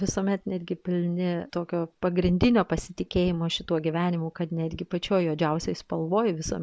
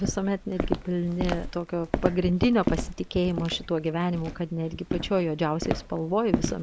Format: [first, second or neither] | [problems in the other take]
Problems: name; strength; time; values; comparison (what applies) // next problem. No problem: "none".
first | background sound (Walk, footsteps); 5 dB below the speech